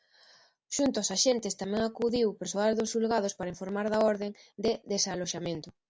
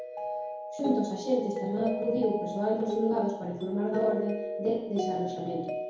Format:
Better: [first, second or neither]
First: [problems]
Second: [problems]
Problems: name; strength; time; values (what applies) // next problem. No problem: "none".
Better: first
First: none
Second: background sound (Mallet percussion); 5 dB below the speech // room echo; dies away in 2 s